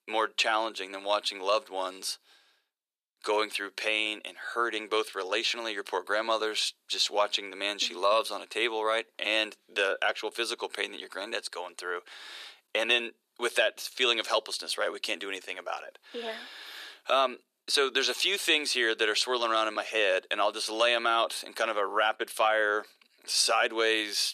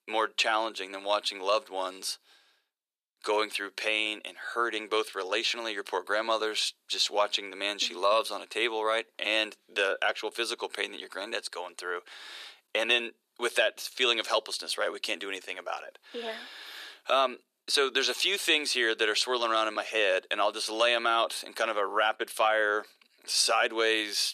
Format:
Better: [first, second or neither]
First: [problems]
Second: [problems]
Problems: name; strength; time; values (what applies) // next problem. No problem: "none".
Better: neither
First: thin; very; fading below 350 Hz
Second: thin; very; fading below 350 Hz